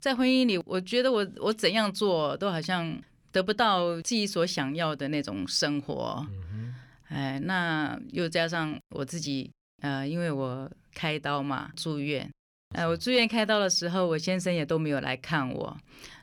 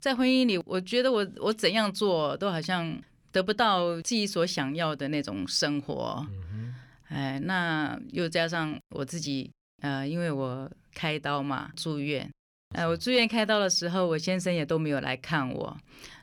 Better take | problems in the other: neither | none

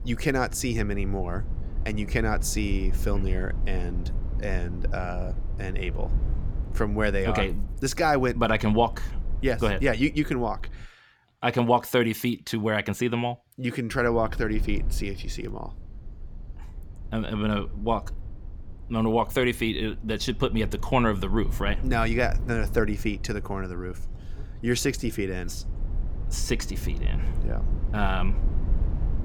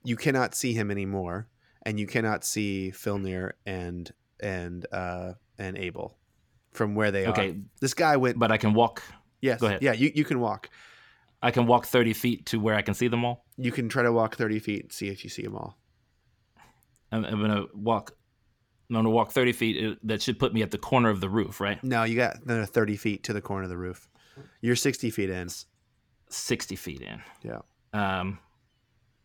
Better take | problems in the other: second | low rumble; faint; until 11 s and from 14 s on; 20 dB below the speech

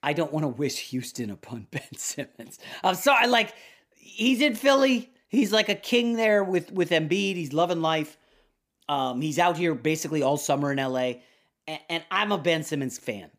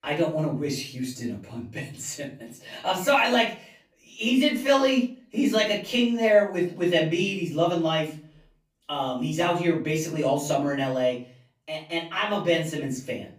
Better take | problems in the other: first | off-mic speech; far // room echo; slight; dies away in 0.4 s

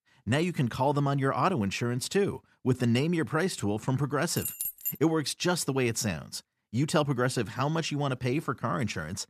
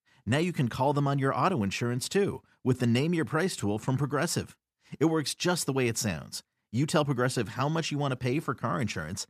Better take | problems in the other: second | jangling keys; noticeable; at 4.5 s; peak 3 dB below the speech

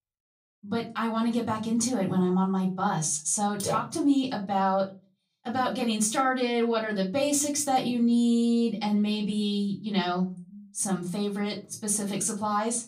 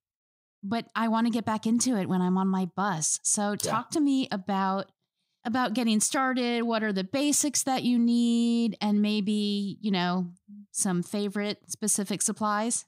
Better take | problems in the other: second | off-mic speech; far // room echo; very slight; dies away in 0.3 s

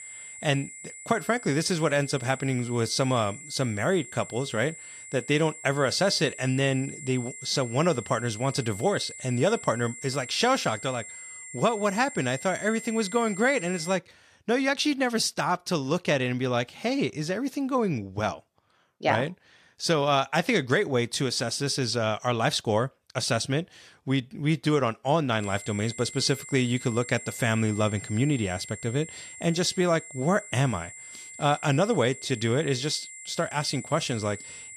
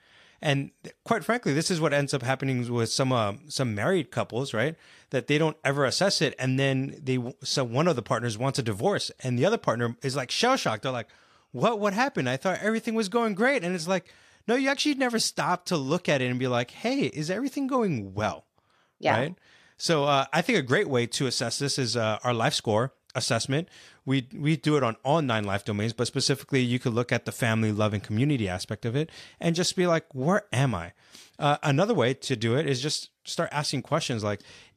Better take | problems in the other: second | high-pitched whine; noticeable; until 14 s and from 25 s on; 2 kHz, 15 dB below the speech

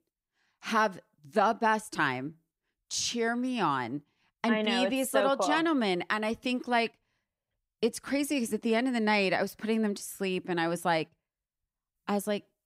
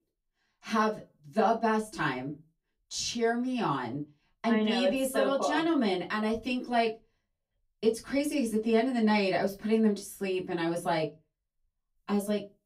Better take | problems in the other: first | off-mic speech; far // room echo; very slight; dies away in 0.2 s

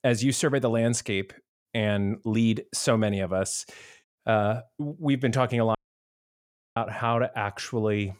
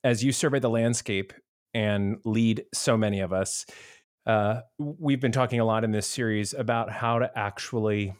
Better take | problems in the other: second | audio cutting out; at 6 s for 1 s

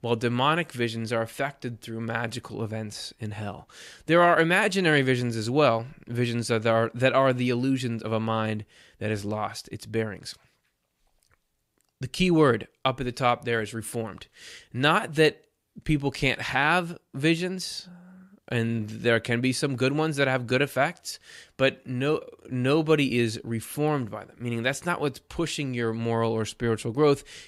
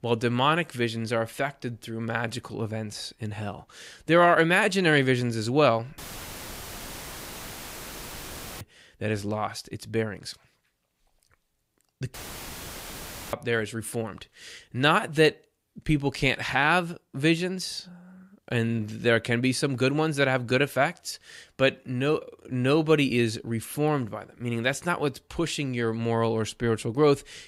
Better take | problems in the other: first | audio cutting out; filled with static; at 6 s for 2.5 s and at 12 s for 1 s

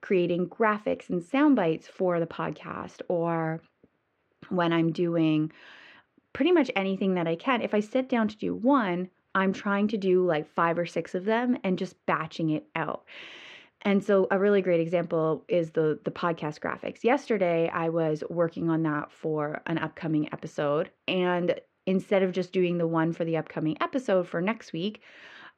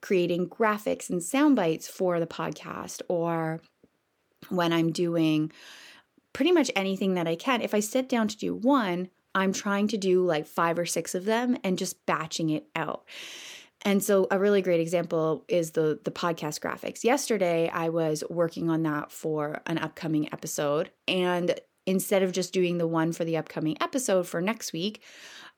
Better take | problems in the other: second | muffled; very; fading above 2 kHz

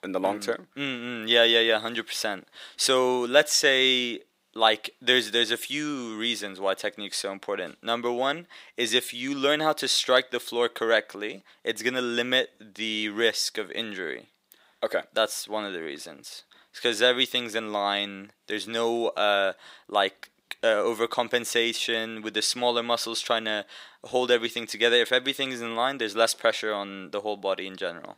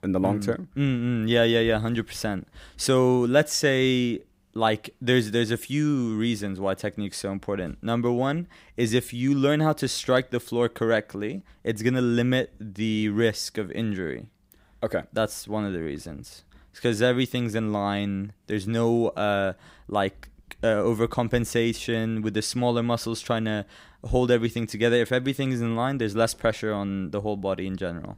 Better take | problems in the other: second | thin; somewhat; fading below 450 Hz

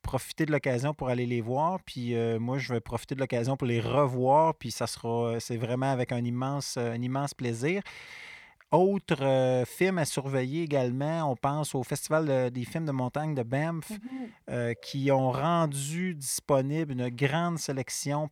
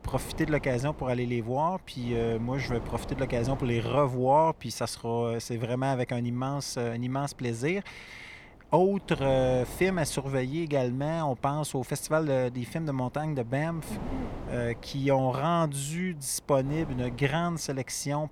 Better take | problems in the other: first | wind noise on the microphone; occasional gusts; 15 dB below the speech

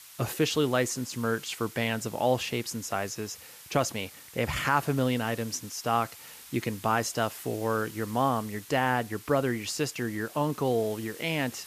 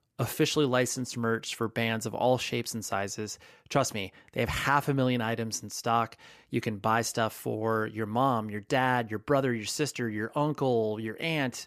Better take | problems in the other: second | hiss; noticeable; throughout; 15 dB below the speech

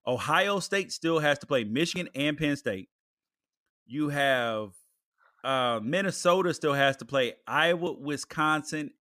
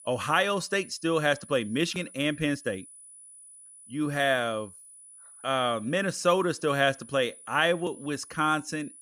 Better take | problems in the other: first | high-pitched whine; noticeable; throughout; 10 kHz, 20 dB below the speech

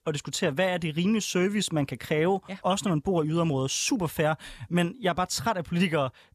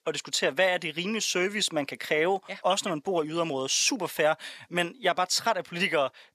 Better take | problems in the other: first | thin; somewhat; fading below 300 Hz

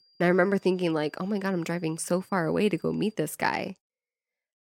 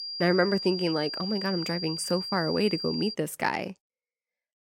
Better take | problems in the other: first | high-pitched whine; loud; until 3 s; 5 kHz, 5 dB below the speech; faint in the first

